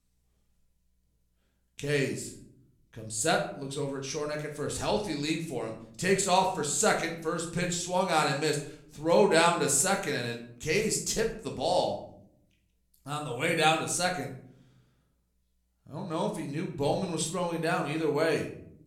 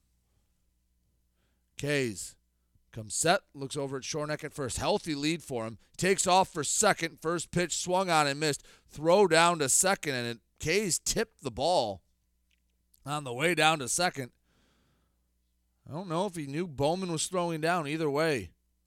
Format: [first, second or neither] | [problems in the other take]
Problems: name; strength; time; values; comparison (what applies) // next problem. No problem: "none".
second | room echo; slight; dies away in 0.5 s // off-mic speech; somewhat distant